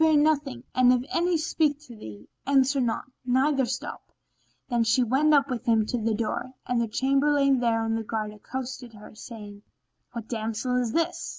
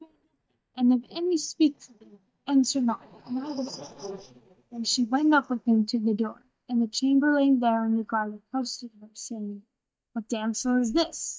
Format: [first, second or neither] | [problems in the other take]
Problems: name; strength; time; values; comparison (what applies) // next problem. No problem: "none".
first | noise reduction (neural mask model DeepFilterNet 3)